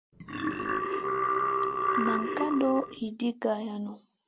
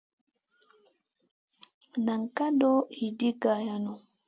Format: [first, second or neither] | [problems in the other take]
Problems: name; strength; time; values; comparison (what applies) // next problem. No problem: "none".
second | background sound (Burping, eructation); 3 dB above the speech